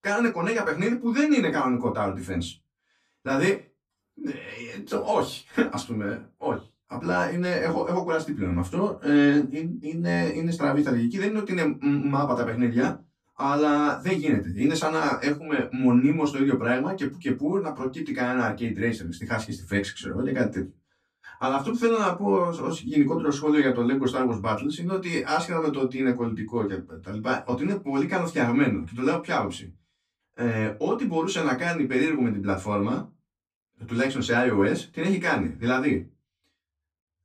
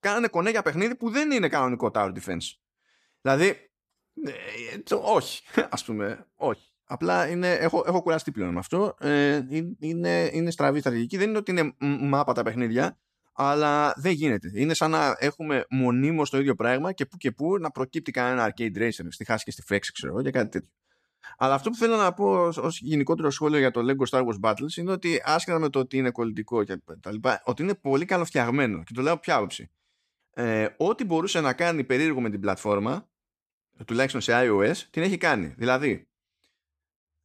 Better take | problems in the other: second | off-mic speech; far // room echo; very slight; dies away in 0.2 s

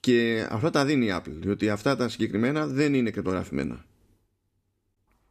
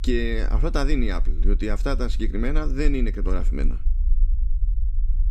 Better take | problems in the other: first | low rumble; faint; throughout; 20 dB below the speech

